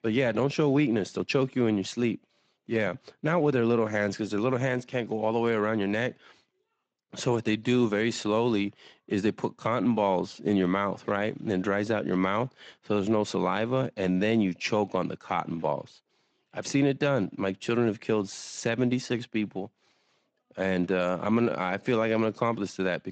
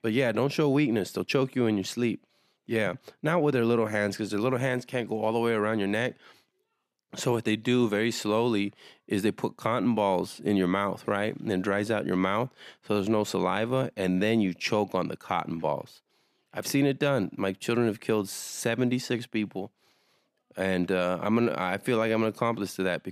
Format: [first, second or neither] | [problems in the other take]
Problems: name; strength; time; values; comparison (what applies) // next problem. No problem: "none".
second | garbled, watery; slightly; nothing above 8 kHz